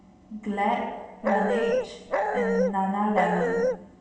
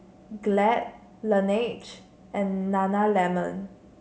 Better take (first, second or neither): second